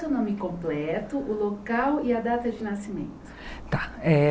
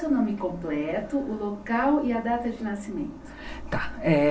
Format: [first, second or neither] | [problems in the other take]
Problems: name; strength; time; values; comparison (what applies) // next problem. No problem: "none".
first | room echo; dies away in 0.2 s